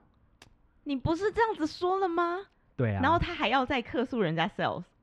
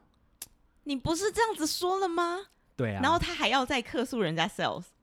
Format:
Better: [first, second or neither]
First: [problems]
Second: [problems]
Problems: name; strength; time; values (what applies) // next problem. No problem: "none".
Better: second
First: muffled; slightly; fading above 2.5 kHz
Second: none